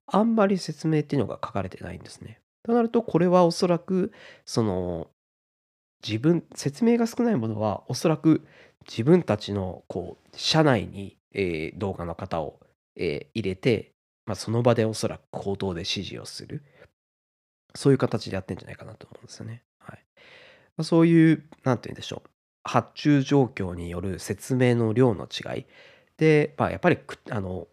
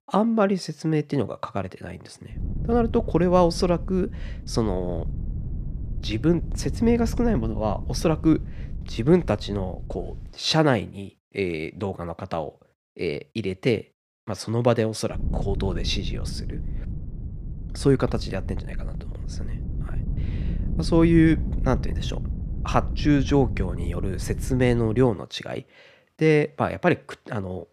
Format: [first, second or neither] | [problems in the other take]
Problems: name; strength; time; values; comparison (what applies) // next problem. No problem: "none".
first | wind noise on the microphone; occasional gusts; from 2.5 to 10 s and from 15 to 25 s; 20 dB below the speech